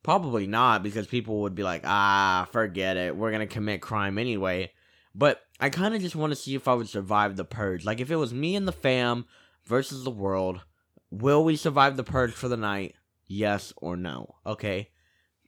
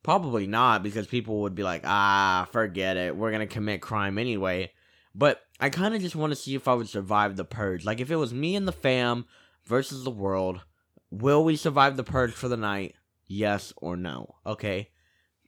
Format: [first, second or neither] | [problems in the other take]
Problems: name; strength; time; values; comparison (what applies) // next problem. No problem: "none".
neither | none